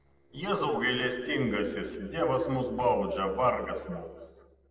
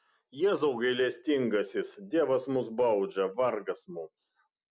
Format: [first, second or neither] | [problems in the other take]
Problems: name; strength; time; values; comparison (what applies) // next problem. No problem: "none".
second | noise reduction (neural separator model SepFormer DNS4)